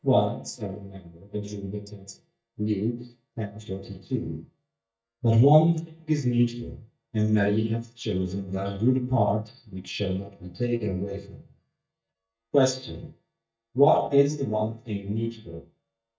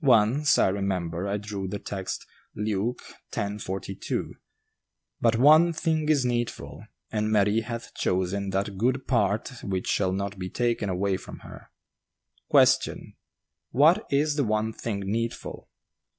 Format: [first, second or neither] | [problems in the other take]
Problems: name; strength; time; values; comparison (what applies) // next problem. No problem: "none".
second | noise reduction (neural mask model DeepFilterNet 3)